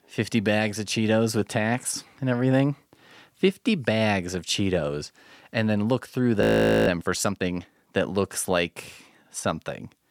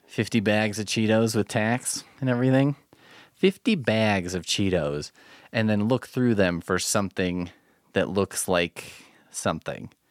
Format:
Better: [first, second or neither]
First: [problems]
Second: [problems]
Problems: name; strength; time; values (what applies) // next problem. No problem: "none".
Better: second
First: audio freezing; at 6.5 s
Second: none